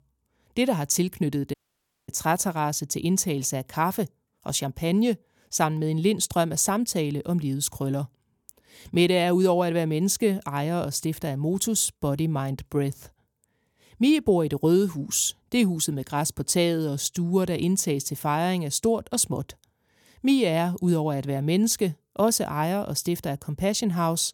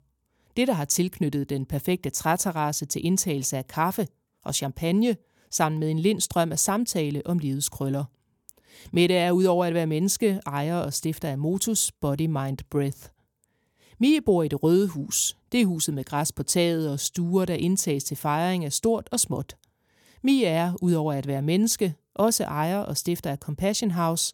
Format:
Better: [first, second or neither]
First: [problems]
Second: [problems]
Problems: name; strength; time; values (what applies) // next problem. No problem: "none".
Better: second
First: audio cutting out; at 1.5 s for 0.5 s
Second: none